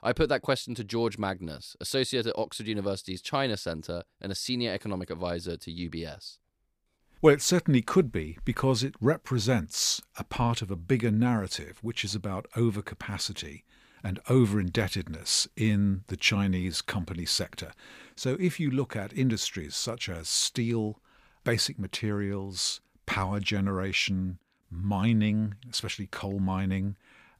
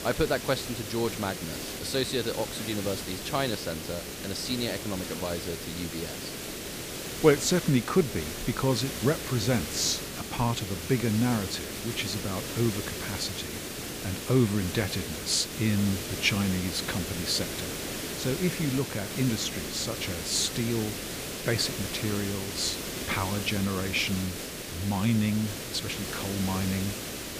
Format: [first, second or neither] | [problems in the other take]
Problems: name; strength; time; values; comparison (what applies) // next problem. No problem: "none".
first | hiss; loud; throughout; 5 dB below the speech